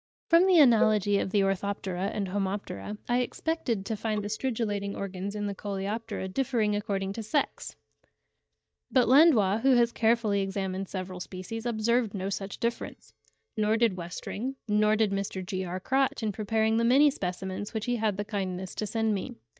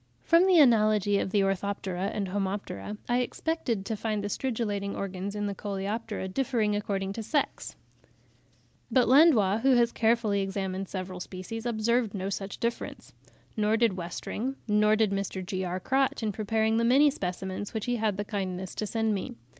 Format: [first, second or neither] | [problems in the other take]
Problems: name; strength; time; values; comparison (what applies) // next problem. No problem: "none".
second | noise reduction (neural mask model DeepFilterNet 3)